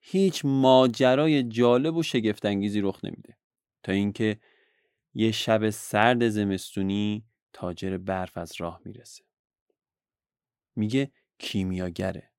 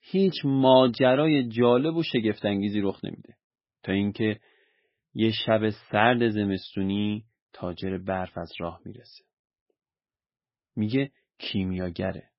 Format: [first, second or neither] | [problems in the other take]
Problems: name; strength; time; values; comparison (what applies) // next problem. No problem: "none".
first | garbled, watery; badly; nothing above 5.5 kHz